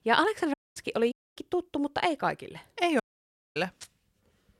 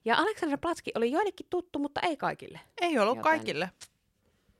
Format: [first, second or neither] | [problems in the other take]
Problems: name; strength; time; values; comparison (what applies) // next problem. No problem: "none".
second | audio cutting out; at 0.5 s, at 1 s and at 3 s for 0.5 s